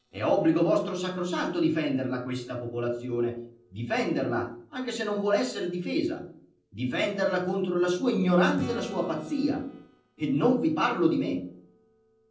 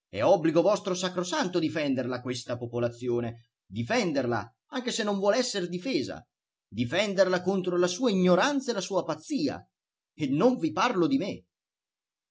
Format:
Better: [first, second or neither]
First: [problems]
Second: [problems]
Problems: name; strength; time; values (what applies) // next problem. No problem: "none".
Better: second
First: noise reduction (neural separator model SepFormer DNS4)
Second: none